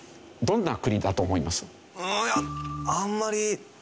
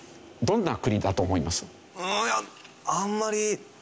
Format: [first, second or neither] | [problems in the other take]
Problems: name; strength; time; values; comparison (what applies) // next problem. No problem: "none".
second | background sound (Organ); 6 dB below the speech